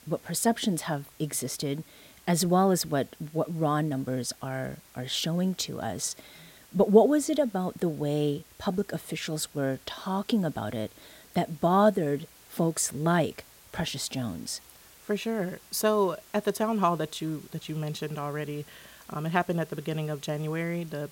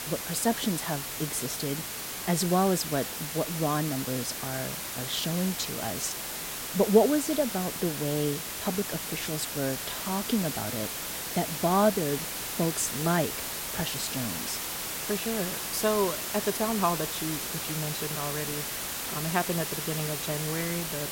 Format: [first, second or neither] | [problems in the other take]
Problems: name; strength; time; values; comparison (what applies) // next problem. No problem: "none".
first | hiss; loud; throughout; 2 dB below the speech; faint in the first